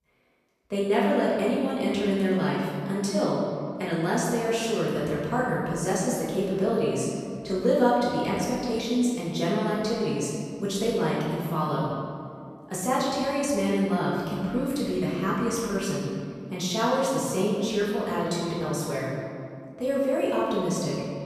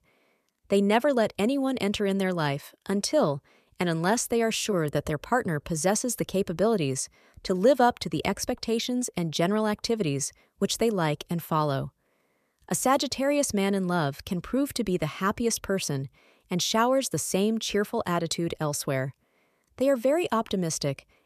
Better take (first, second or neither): second